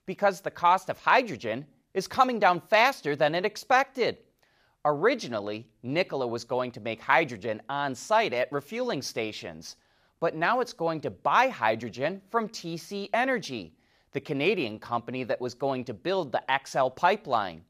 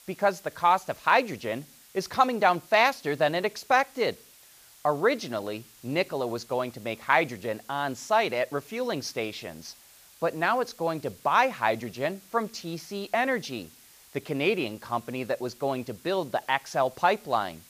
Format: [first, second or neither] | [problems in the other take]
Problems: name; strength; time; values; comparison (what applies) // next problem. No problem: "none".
first | hiss; faint; throughout; 25 dB below the speech